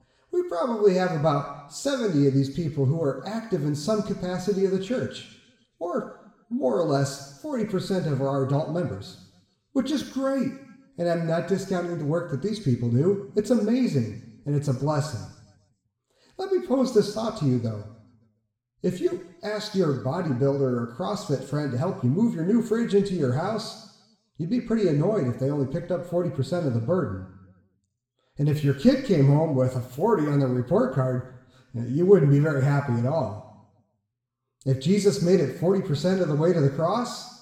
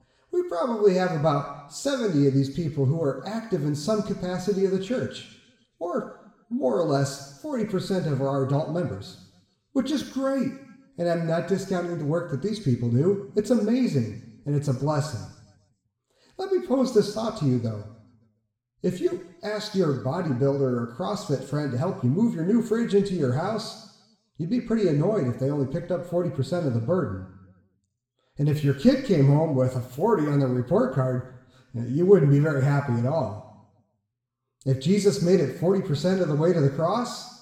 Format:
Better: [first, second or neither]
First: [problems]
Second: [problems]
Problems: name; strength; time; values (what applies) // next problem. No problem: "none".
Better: neither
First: room echo; noticeable; dies away in 0.9 s // off-mic speech; somewhat distant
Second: room echo; noticeable; dies away in 0.9 s // off-mic speech; somewhat distant